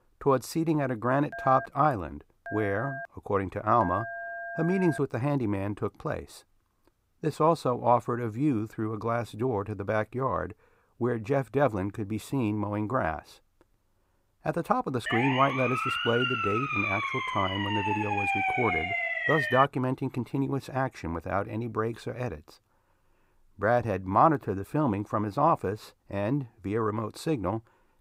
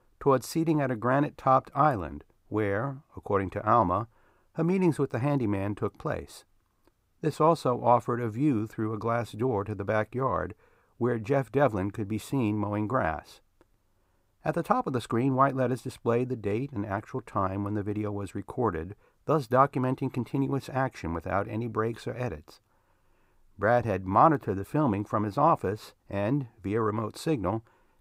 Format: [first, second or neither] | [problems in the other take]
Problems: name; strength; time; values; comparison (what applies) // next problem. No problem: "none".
second | phone ringing; noticeable; from 1.5 to 5 s; peak 8 dB below the speech // siren; loud; from 15 to 20 s; peak 2 dB above the speech